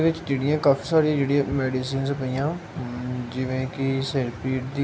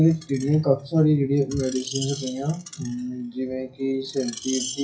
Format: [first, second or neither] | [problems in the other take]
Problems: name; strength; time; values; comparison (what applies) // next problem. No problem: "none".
first | noise reduction (classical method WPE with log-MMSE)